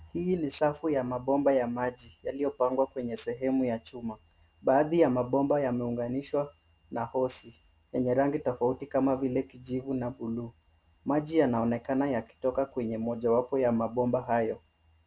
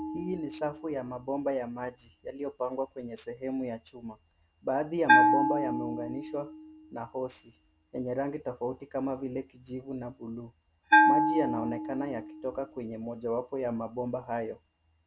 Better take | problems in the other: first | background sound (Bell); 3 dB above the speech

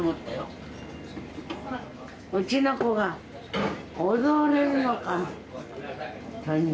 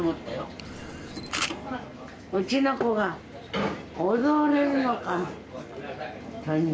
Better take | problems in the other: first | background sound (Camera); 8 dB below the speech

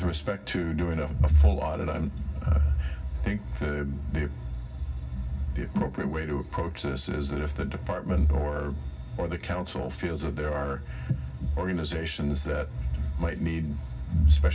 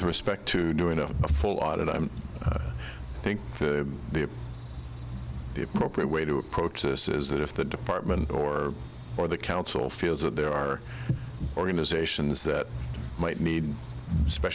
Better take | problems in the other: second | room echo; dies away in 0.4 s

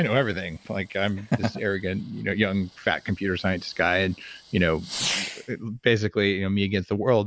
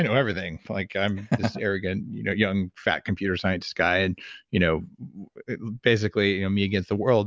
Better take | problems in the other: second | background sound (Fireworks); 14 dB below the speech

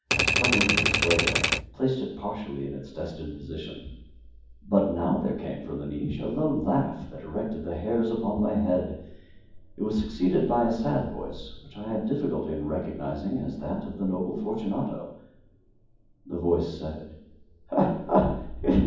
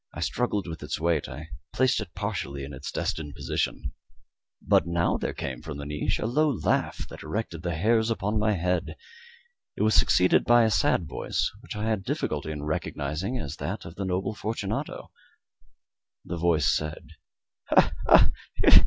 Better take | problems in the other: second | background sound (Typewriter); 4 dB above the speech // room echo; dies away in 1.2 s

